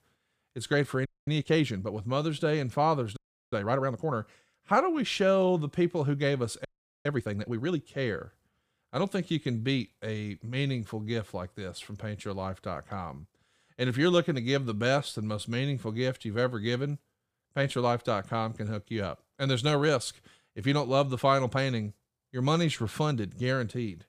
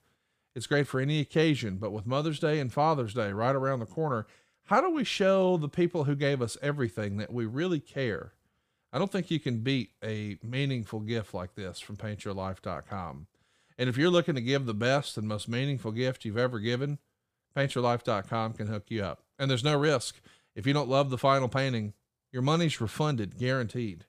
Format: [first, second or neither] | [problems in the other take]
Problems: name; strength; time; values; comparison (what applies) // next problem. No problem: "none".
second | audio freezing; at 1 s, at 3 s and at 6.5 s